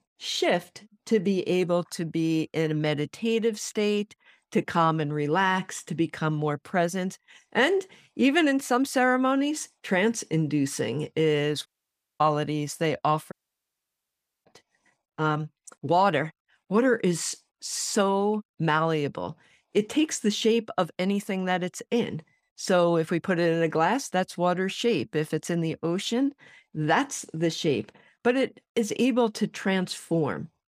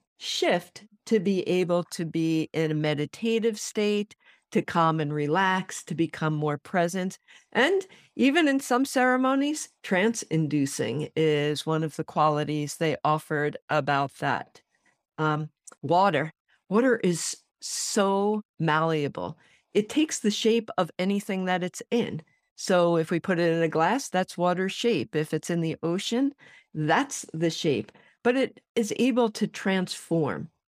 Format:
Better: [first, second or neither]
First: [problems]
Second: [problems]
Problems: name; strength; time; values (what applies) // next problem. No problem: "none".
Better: second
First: audio cutting out; at 12 s for 0.5 s and at 13 s for 1 s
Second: none